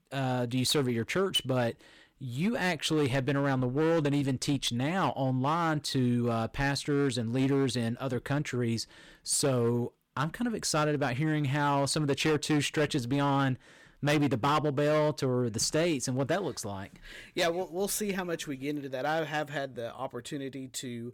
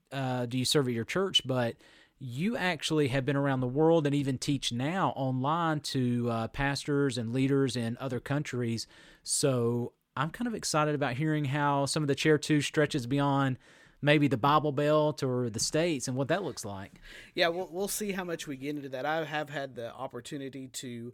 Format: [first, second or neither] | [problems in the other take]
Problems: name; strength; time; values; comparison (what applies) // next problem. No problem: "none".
second | distortion; slight; 8% of the sound clipped